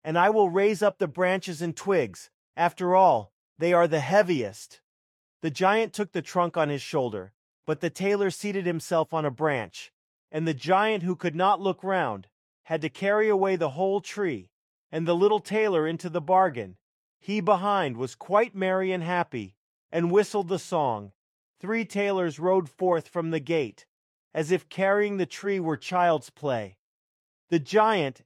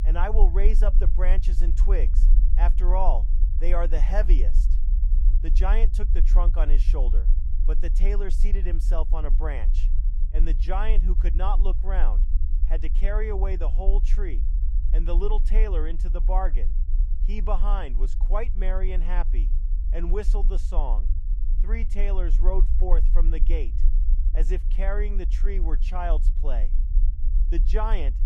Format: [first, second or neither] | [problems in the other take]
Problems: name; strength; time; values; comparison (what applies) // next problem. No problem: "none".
first | low rumble; noticeable; throughout; 15 dB below the speech